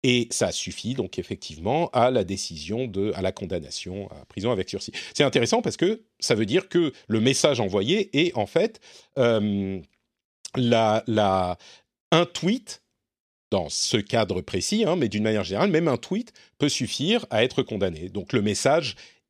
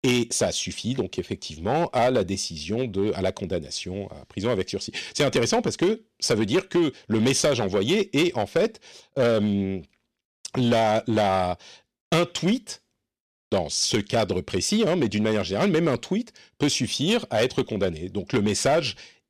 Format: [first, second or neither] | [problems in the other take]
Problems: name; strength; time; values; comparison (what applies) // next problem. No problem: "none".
first | distortion; slight; 5% of the sound clipped